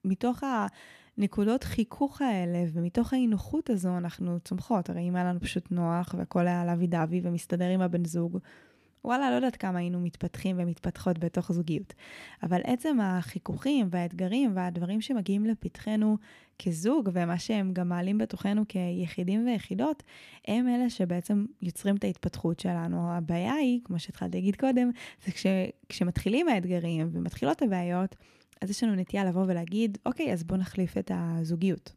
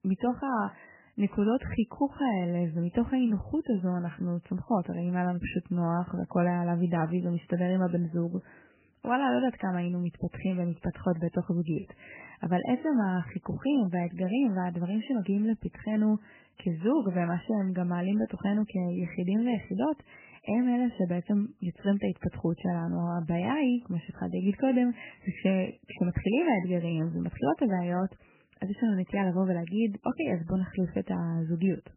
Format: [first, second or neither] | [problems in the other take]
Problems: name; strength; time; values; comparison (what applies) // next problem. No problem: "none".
first | garbled, watery; badly; nothing above 3 kHz